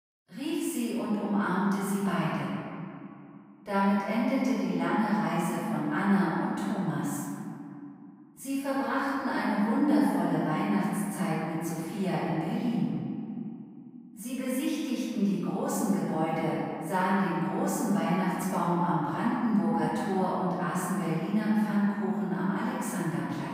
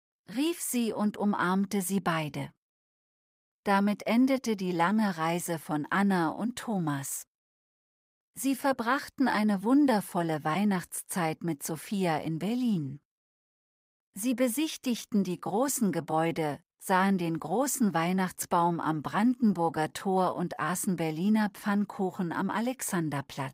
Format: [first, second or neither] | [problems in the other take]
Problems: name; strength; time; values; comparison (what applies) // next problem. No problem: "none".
second | off-mic speech; far // room echo; strong; dies away in 2.4 s